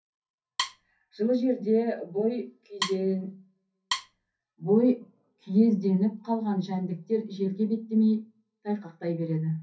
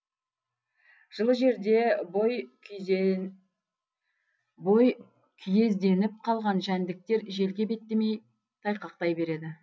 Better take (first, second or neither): second